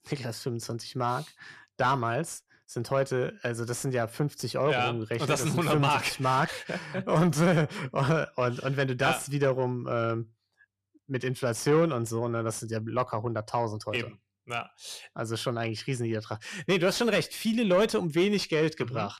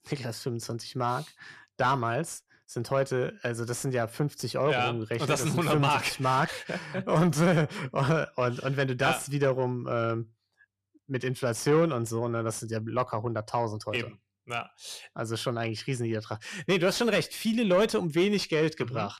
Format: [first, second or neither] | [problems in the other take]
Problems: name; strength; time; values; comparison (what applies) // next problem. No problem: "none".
neither | distortion; slight; 10 dB below the speech; the same in both